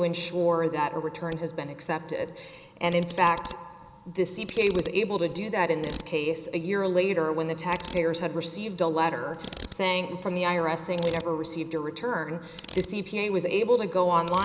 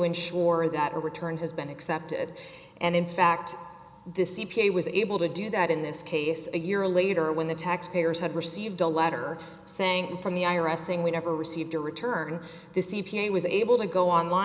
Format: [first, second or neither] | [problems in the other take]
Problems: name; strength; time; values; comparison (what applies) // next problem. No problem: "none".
second | background sound (Ratchet, pawl); 19 dB below the speech